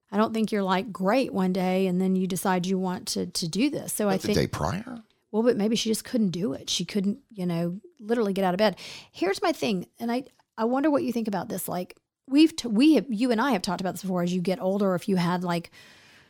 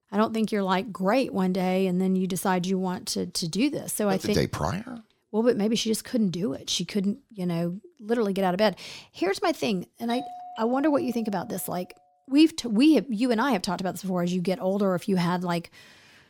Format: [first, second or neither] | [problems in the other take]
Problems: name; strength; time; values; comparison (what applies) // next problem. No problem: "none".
first | doorbell; faint; from 10 to 12 s; peak 10 dB below the speech